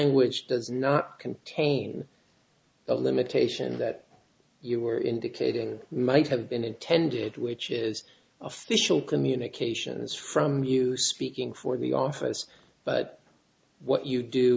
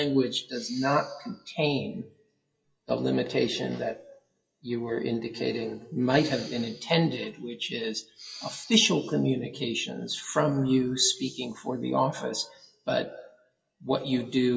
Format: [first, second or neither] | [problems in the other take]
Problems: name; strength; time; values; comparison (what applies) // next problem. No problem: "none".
first | noise reduction (classical method WPE with log-MMSE)